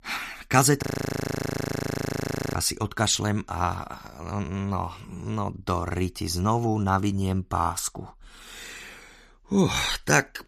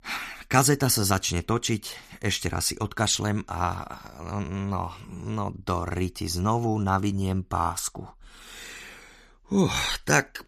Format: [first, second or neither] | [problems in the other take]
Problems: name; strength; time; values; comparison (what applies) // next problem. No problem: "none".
second | audio freezing; at 1 s for 1.5 s